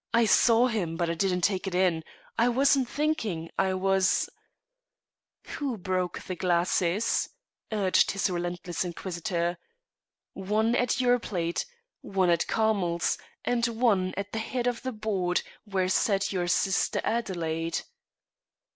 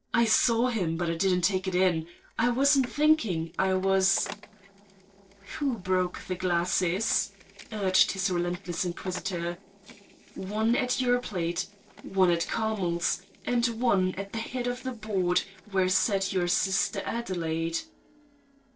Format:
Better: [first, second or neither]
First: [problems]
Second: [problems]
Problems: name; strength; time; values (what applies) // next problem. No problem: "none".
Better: first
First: none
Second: noise reduction (neural separator model SepFormer DNS4)